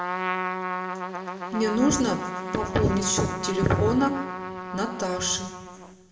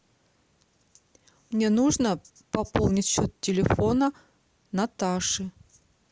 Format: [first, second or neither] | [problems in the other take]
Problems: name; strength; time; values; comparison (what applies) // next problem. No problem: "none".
second | background sound (Trumpet); 5 dB below the speech // room echo; dies away in 0.8 s